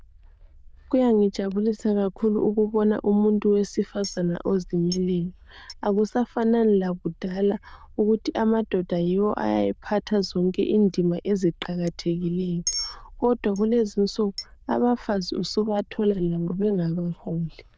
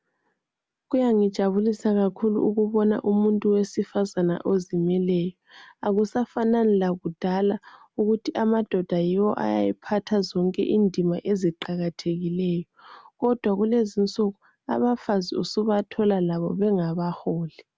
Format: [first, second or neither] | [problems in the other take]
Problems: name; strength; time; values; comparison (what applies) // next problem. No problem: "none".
second | noise reduction (neural diffusion model UNIVERSE++)